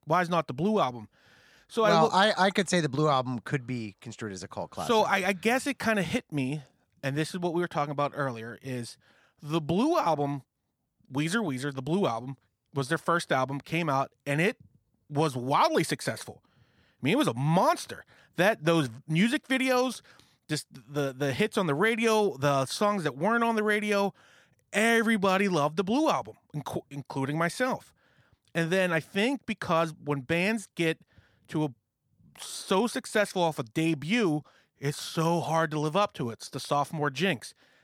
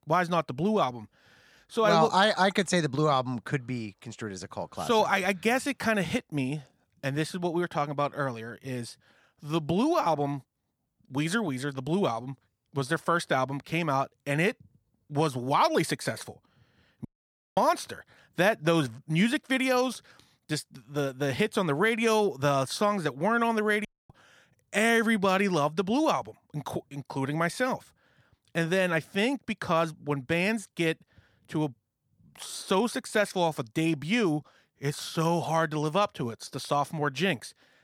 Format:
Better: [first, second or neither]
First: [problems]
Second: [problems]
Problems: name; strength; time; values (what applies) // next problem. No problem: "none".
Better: first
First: none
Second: audio cutting out; at 17 s for 0.5 s and at 24 s